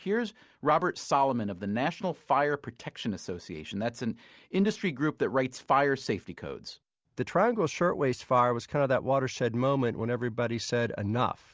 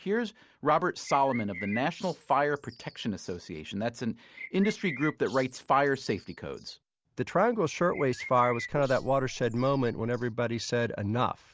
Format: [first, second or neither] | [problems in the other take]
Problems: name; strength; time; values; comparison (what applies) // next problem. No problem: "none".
first | background sound (Bird + Gong); 15 dB below the speech